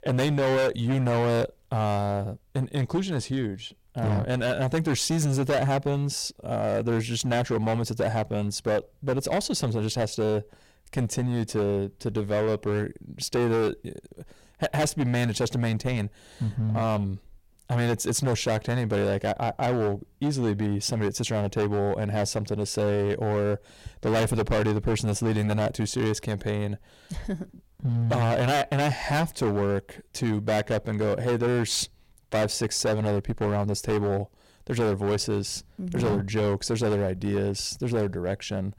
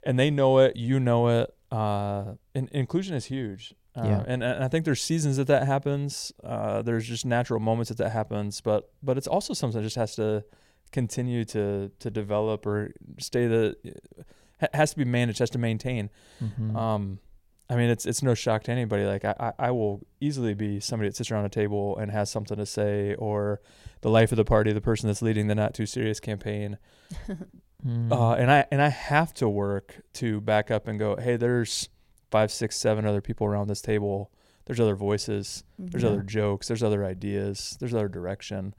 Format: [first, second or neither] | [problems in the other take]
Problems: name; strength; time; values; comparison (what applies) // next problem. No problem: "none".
second | distortion; heavy; 15% of the sound clipped